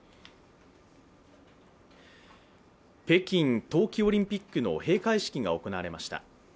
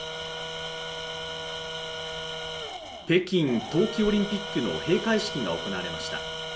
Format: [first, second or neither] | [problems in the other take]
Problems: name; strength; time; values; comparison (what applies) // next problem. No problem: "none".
first | background sound (Tools); 6 dB below the speech // room echo; dies away in 0.5 s